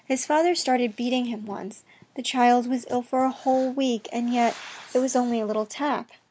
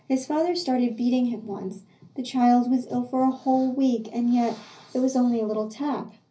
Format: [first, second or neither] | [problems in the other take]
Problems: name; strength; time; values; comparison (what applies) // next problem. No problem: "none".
first | room echo; dies away in 0.5 s